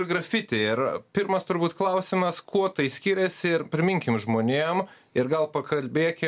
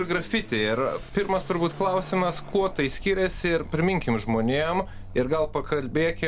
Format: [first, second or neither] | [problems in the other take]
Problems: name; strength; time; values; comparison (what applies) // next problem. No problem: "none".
first | background sound (Car passing by / Accelerating, revving, vroom); 12 dB below the speech